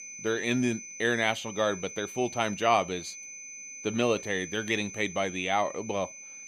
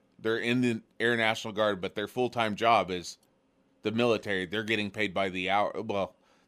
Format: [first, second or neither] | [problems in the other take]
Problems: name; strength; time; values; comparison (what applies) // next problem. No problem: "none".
second | high-pitched whine; noticeable; throughout; 6 kHz, 10 dB below the speech